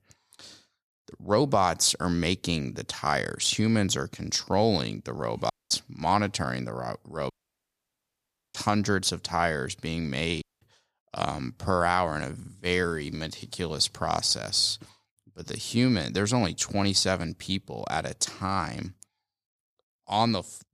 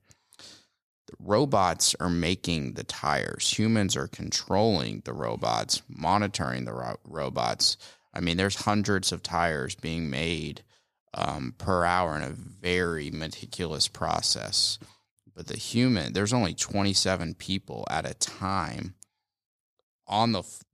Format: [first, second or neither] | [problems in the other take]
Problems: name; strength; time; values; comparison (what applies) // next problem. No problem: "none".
second | audio cutting out; at 5.5 s, at 7.5 s for 1 s and at 10 s